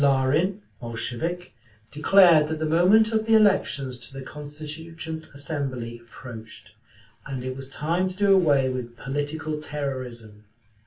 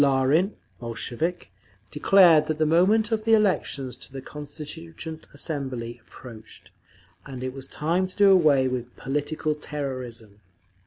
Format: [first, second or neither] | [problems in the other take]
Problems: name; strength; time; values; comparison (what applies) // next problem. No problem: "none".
second | room echo; dies away in 0.2 s